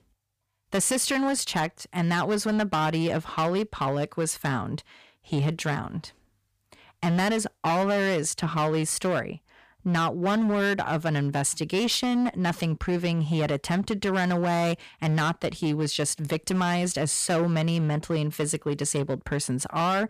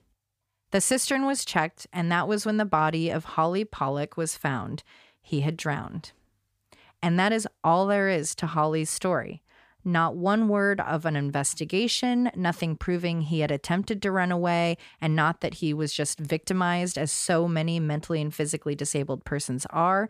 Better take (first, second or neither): second